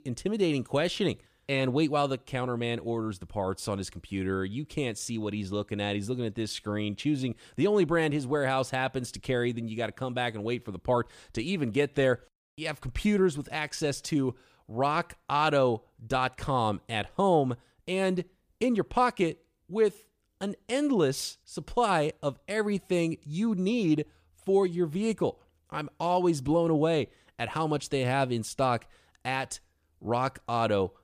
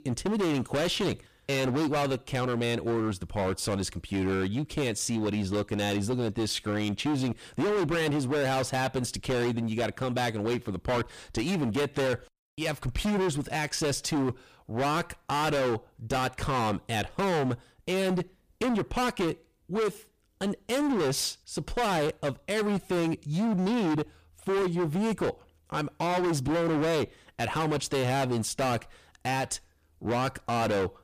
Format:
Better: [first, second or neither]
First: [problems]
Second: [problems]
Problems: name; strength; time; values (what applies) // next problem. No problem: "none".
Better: first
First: none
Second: distortion; heavy; 25% of the sound clipped